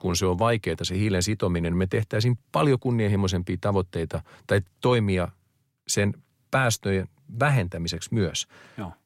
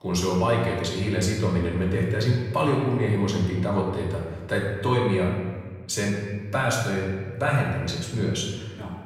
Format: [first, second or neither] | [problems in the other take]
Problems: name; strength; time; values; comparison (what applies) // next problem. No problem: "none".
first | off-mic speech; far // room echo; noticeable; dies away in 1.3 s